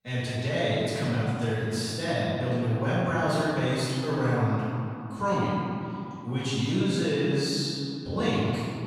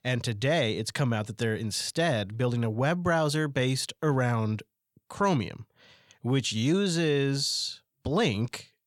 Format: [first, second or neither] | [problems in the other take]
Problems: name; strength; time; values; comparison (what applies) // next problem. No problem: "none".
second | off-mic speech; far // room echo; strong; dies away in 2.7 s